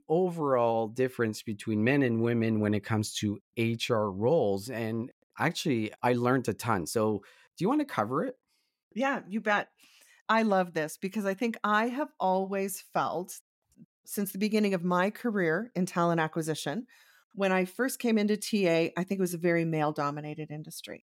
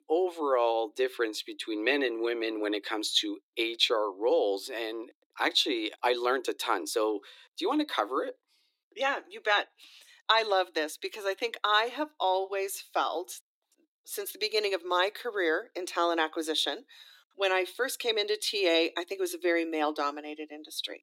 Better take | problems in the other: first | thin; very; fading below 300 Hz

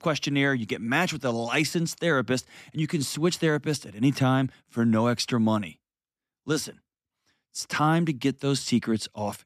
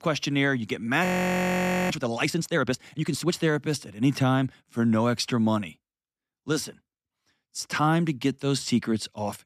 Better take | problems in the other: first | audio freezing; at 1 s for 1 s

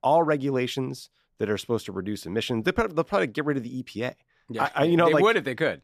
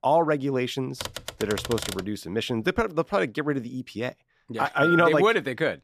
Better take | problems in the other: first | keyboard typing; noticeable; from 1 to 2 s; peak 7 dB below the speech // phone ringing; loud; at 5 s; peak 1 dB above the speech

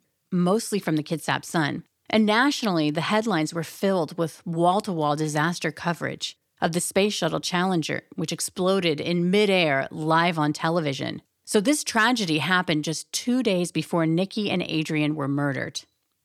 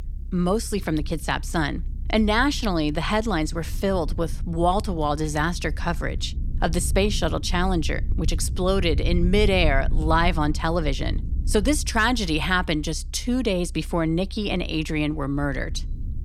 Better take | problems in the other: first | low rumble; faint; throughout; 25 dB below the speech

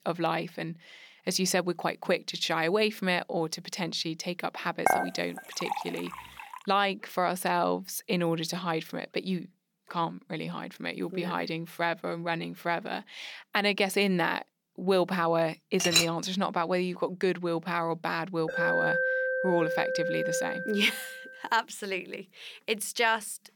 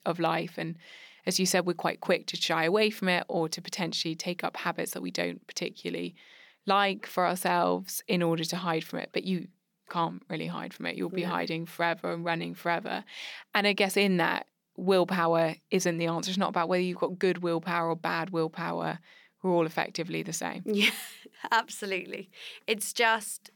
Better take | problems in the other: second | clattering dishes; loud; at 5 s and at 16 s; peak 6 dB above the speech // alarm; loud; from 18 to 21 s; peak 4 dB above the speech

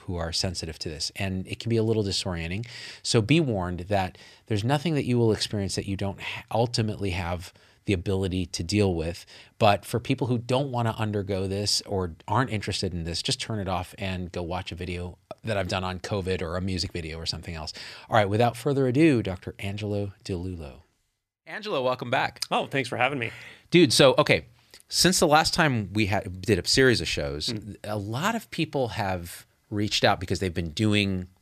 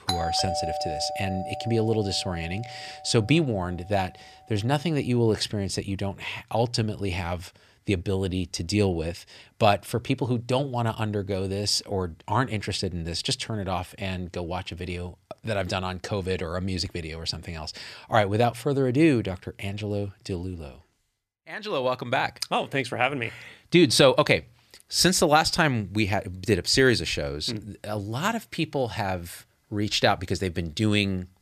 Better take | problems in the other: first | doorbell; noticeable; until 2.5 s; peak 2 dB below the speech

